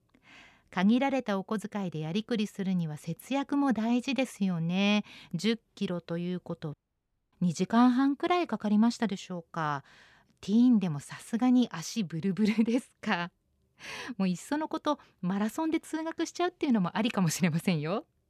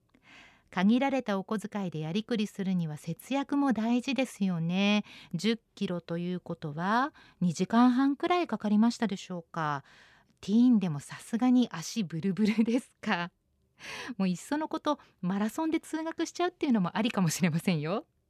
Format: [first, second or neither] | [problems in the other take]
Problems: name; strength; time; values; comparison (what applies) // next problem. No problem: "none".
second | audio cutting out; at 6.5 s for 0.5 s